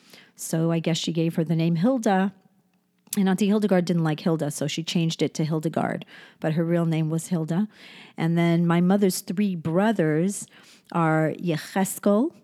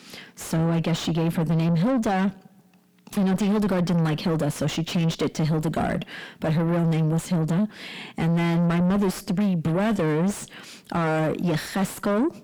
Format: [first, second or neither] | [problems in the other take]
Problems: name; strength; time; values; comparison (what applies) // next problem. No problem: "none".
first | distortion; heavy; 6 dB below the speech